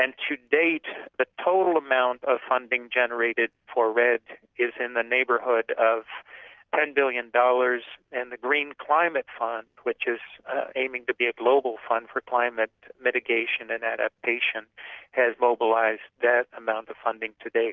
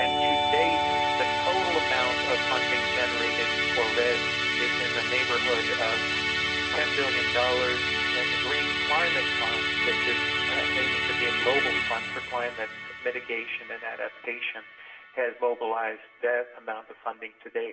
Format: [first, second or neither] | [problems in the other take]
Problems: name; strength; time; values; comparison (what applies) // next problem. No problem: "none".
first | background sound (Musical instrument); 4 dB above the speech // room echo; dies away in 0.6 s